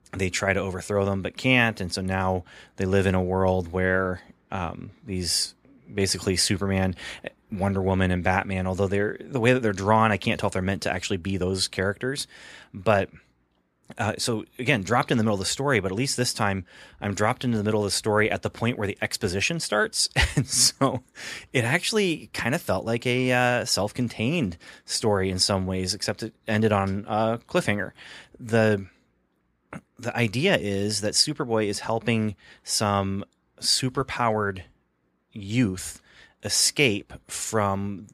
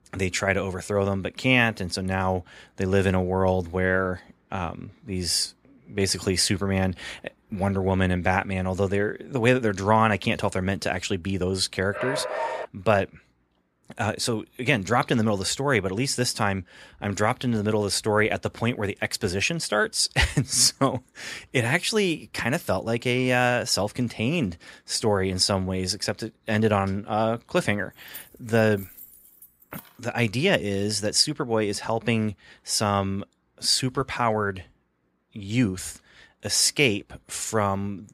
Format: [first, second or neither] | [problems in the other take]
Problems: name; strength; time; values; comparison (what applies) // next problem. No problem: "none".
first | dog barking; noticeable; at 12 s; peak 4 dB below the speech // jangling keys; faint; from 28 to 30 s; peak 20 dB below the speech